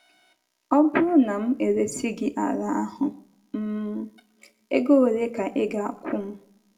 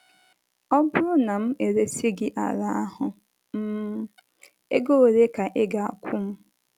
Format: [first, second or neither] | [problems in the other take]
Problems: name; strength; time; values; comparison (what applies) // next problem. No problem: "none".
second | room echo; dies away in 0.3 s